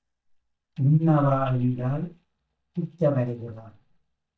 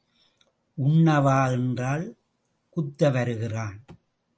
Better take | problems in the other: second | noise reduction (neural mask model DeepFilterNet 3)

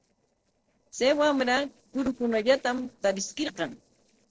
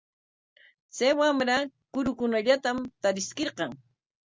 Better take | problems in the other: second | noise reduction (neural separator model SepFormer DNS4)

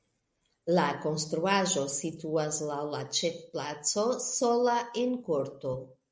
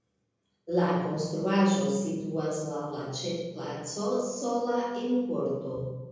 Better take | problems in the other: first | room echo; dies away in 1.3 s

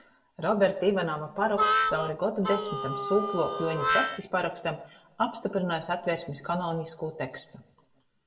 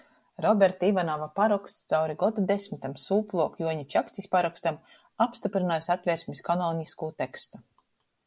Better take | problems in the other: second | background sound (Harmonica); 1 dB above the speech // room echo; dies away in 0.7 s

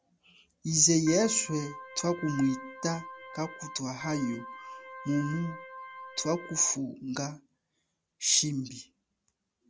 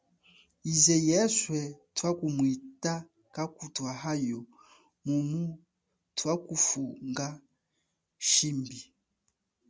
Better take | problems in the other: second | background sound (Organ); 12 dB below the speech

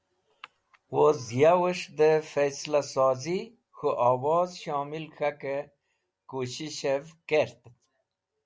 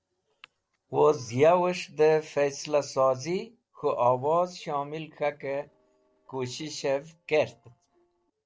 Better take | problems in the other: first | noise reduction (neural separator model SepFormer DNS4)

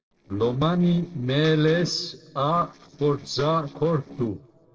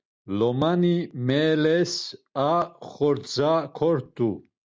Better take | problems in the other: second | noise reduction (neural separator model SepFormer DNS4)

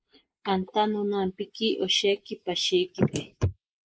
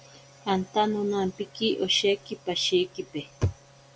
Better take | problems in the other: second | noise reduction (neural mask model Resemble Enhance denoiser)

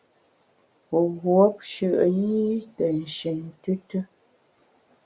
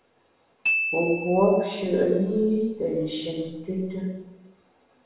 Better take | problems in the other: first | background sound (Glockenspiel); 7 dB below the speech // room echo; dies away in 0.9 s

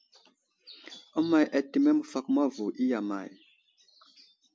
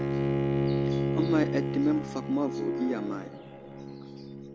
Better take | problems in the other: first | background sound (Bowed string instrument); 1 dB above the speech

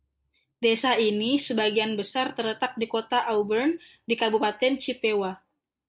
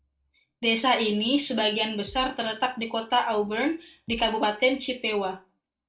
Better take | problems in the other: first | background sound (Bass drum); 19 dB below the speech // room echo; dies away in 0.3 s

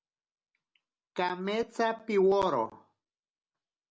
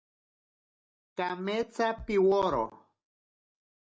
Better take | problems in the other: first | noise reduction (neural mask model DeepFilterNet 3)

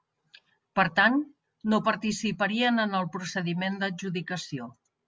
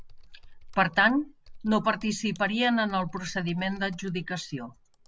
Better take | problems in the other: first | background sound (Computer keyboard); 18 dB below the speech

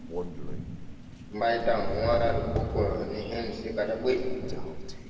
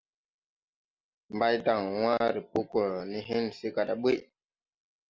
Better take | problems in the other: second | background sound (Crow); 3 dB below the speech // room echo; dies away in 2.3 s

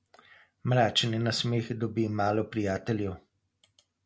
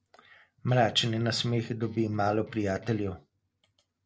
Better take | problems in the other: first | noise reduction (neural separator model SepFormer DNS4)

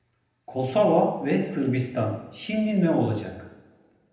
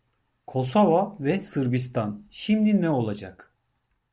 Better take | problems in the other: second | room echo; dies away in 0.8 s

